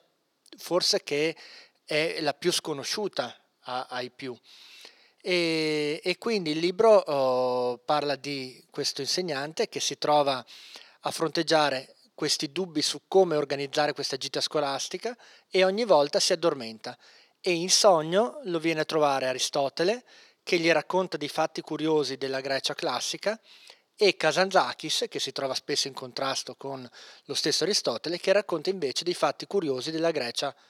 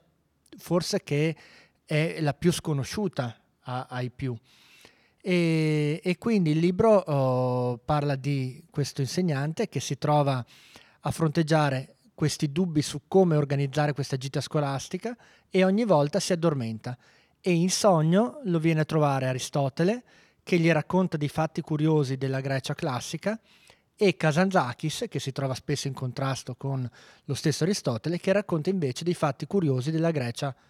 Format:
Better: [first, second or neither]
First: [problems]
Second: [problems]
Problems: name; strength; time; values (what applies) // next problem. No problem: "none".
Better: second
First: thin; somewhat; fading below 400 Hz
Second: none